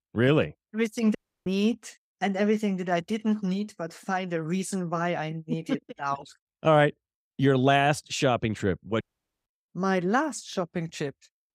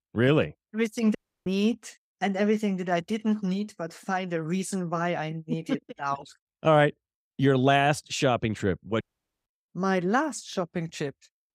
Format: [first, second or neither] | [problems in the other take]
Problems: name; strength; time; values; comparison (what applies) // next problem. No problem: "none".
neither | audio cutting out; at 1 s and at 9 s; the same in both